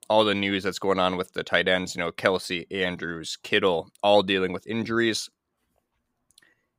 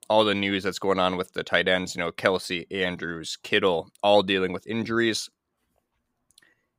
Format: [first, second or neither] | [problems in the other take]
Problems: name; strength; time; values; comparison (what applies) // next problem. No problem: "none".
neither | none